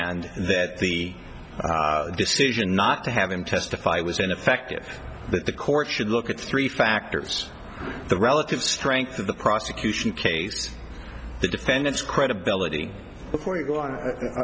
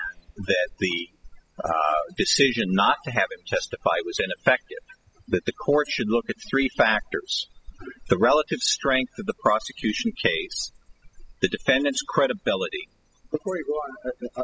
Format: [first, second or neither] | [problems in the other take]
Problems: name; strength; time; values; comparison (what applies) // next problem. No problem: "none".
first | noise reduction (classical method spectral subtraction)